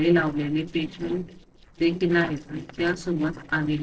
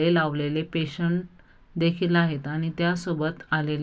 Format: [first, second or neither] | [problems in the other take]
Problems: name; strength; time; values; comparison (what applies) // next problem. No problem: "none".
second | noise reduction (neural separator model SepFormer DNS4)